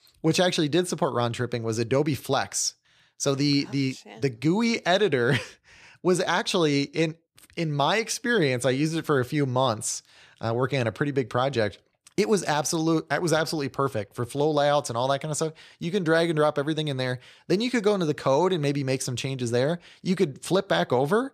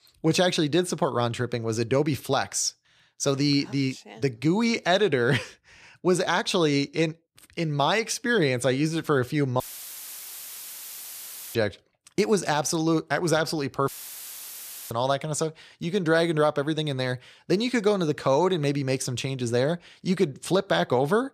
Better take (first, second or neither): first